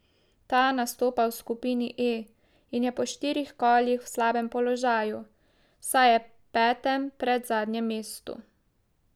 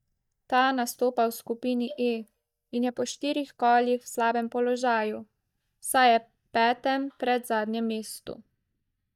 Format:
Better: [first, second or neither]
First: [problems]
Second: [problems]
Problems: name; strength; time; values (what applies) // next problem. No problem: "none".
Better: first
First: none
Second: noise reduction (neural mask model DeepFilterNet 3)